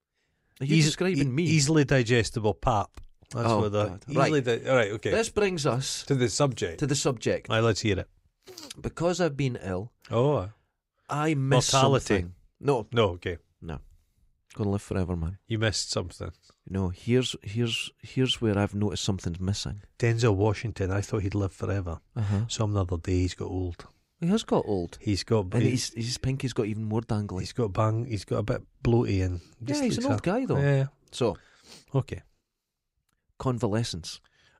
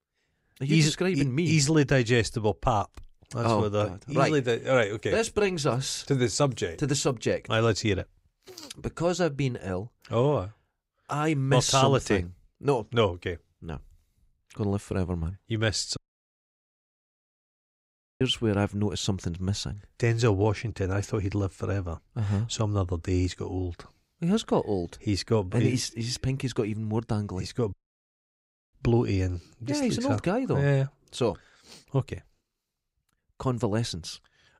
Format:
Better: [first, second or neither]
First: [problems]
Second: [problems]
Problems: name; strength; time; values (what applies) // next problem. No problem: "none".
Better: first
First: none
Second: audio cutting out; at 16 s for 2 s and at 28 s for 1 s